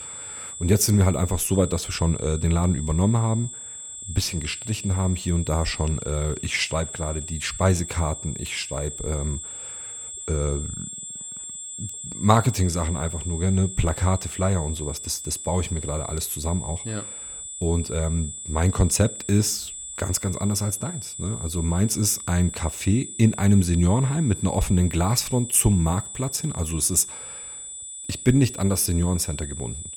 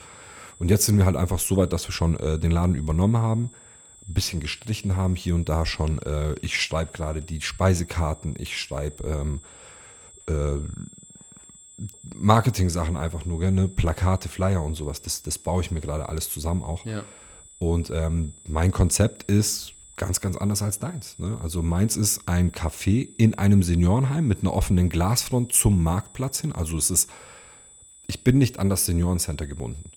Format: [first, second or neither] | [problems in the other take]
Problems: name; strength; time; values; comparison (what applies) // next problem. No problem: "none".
second | high-pitched whine; loud; throughout; 7.5 kHz, 9 dB below the speech; faint in the second